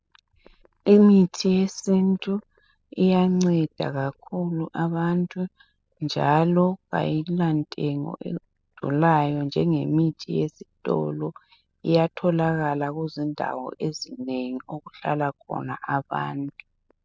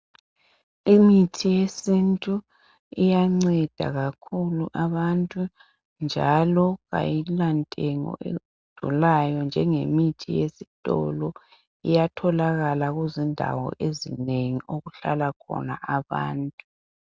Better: second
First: noise reduction (classical method spectral subtraction)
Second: none

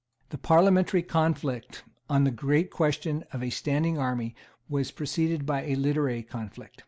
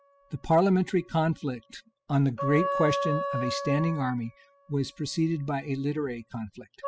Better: first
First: none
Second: noise reduction (classical method spectral subtraction)

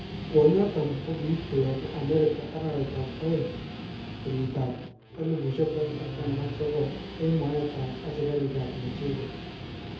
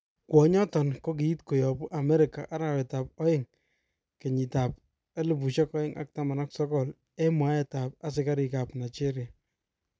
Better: second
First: background sound (Guitar); 9 dB below the speech // room echo; dies away in 0.7 s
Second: none

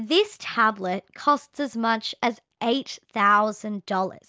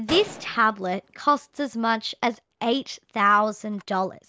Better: first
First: none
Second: background sound (Gunshot, gunfire); 18 dB below the speech

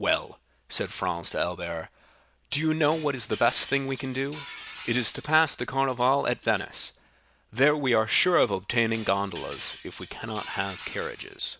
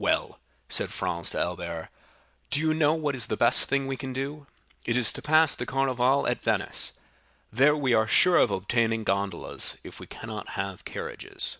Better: second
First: background sound (Glass); 16 dB below the speech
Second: none

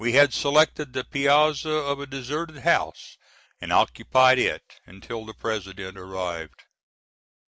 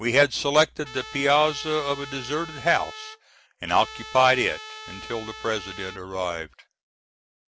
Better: first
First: none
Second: background sound (Trumpet); 15 dB below the speech

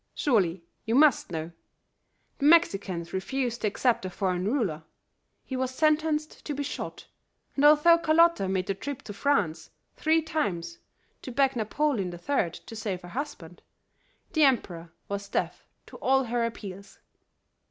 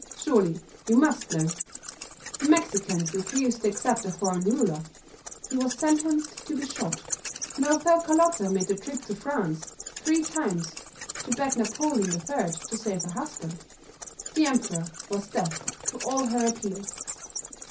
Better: first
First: none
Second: background sound (Wild animals); 9 dB below the speech // room echo; dies away in 0.3 s

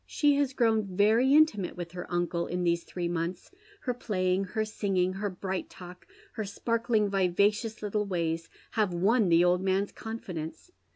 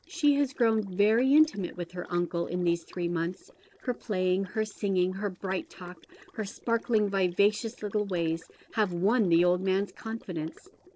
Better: first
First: none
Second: noise reduction (neural separator model SepFormer DNS4)

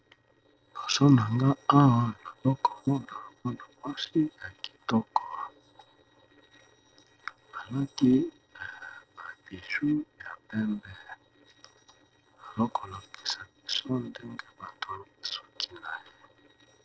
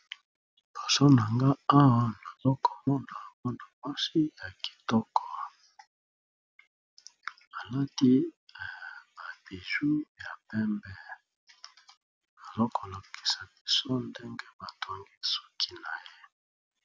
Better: second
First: noise reduction (neural separator model SepFormer DNS4)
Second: none

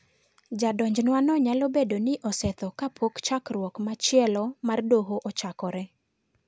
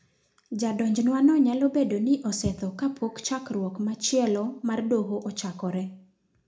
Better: first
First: none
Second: room echo; dies away in 0.3 s

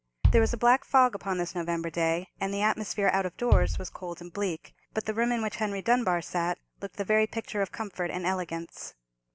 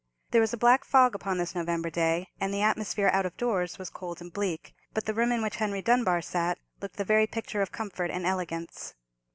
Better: second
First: background sound (Bass drum); 2 dB below the speech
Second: none

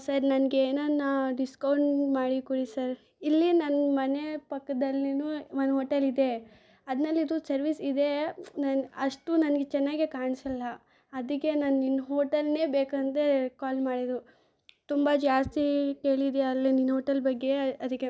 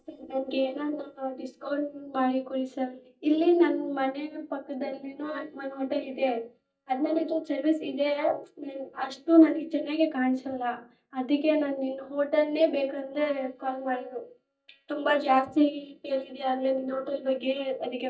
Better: first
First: none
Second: noise reduction (neural mask model DeepFilterNet 3)

